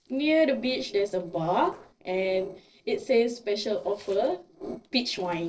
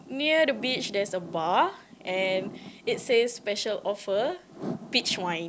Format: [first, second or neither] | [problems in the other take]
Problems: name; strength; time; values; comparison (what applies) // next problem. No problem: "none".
second | noise reduction (neural separator model SepFormer DNS4)